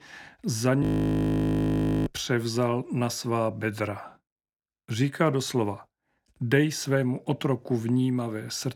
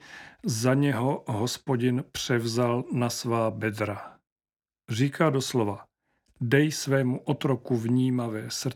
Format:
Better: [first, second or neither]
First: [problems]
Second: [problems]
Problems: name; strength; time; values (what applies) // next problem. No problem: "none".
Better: second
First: audio freezing; at 1 s for 1 s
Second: none